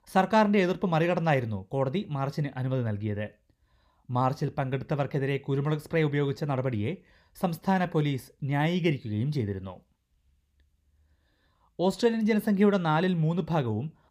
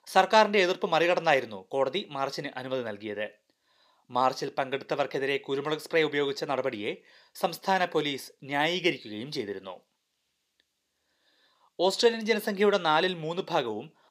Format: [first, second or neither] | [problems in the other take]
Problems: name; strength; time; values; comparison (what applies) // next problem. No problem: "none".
first | thin; somewhat; fading below 400 Hz